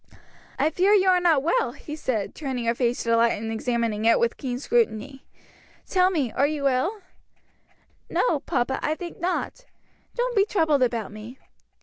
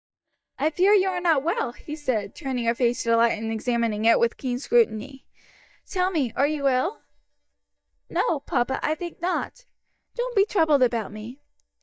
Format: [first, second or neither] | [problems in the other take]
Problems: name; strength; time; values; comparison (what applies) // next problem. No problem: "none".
first | noise reduction (neural mask model DeepFilterNet 3)